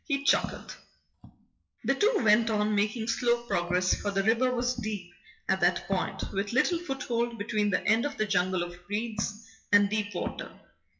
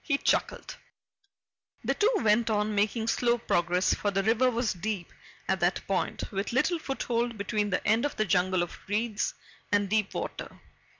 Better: second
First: noise reduction (classical method WPE with log-MMSE)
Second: none

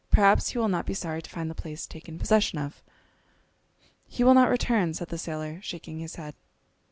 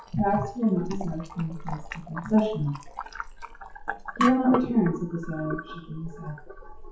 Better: first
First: none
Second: noise reduction (classical method WPE with log-MMSE)

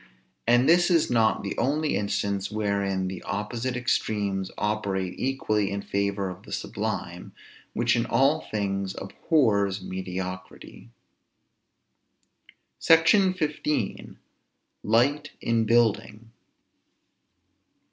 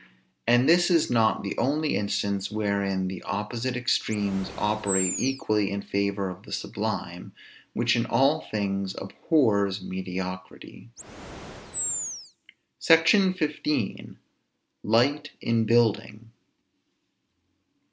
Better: first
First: none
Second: background sound (Animal); 7 dB below the speech

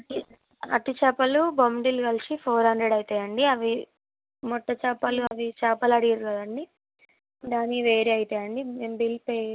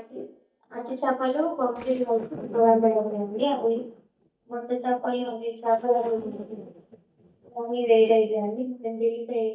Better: first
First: none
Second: noise reduction (neural mask model DeepFilterNet 3)

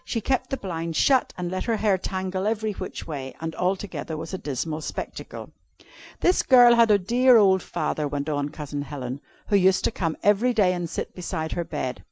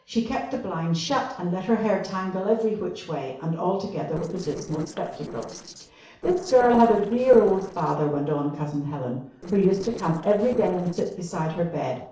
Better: first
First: none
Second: noise reduction (neural separator model SepFormer DNS4)

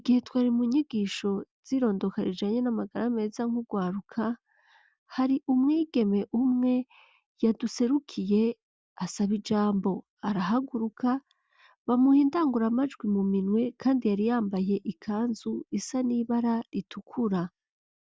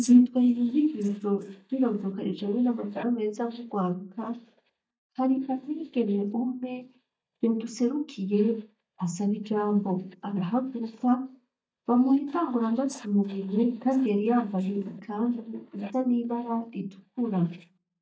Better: first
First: none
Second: noise reduction (neural mask model DeepFilterNet 3)

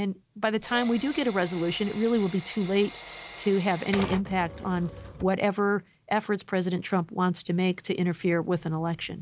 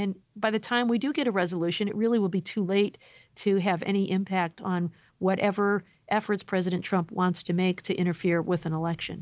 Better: second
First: background sound (Typewriter + Drill); 13 dB below the speech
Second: none

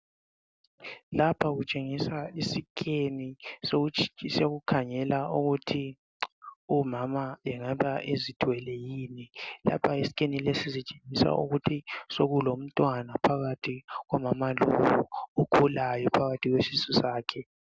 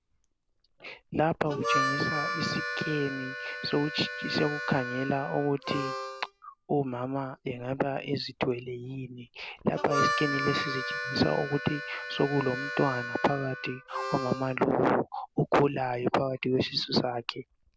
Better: first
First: none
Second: background sound (Harmonica); 6 dB below the speech

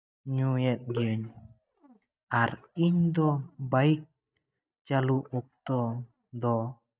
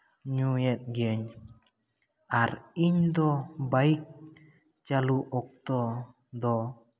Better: second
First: noise reduction (neural mask model DeepFilterNet 3)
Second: none

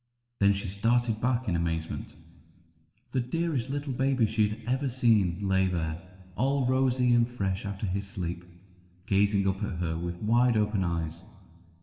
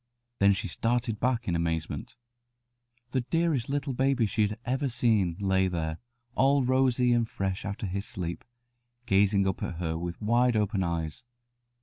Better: second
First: room echo; dies away in 1.7 s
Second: none

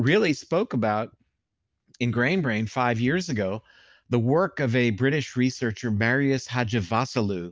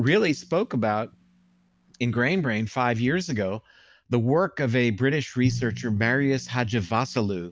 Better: first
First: none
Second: background sound (Drum); 15 dB below the speech

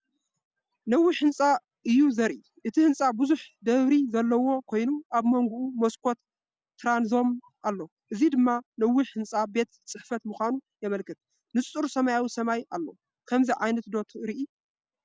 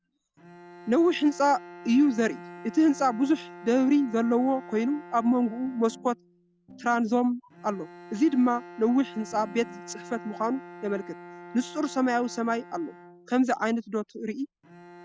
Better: first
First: none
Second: background sound (Piano + Bowed string instrument); 18 dB below the speech

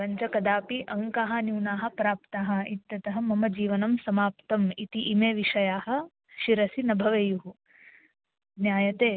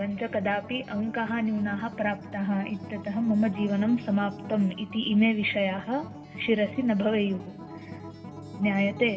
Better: first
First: none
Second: background sound (Acoustic guitar); 14 dB below the speech // room echo; dies away in 1.6 s

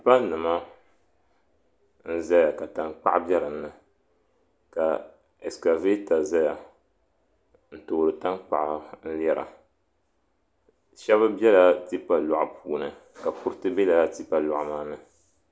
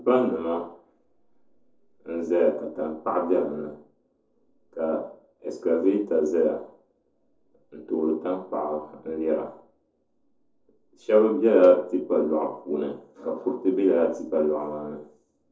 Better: first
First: none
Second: noise reduction (neural separator model SepFormer DNS4)

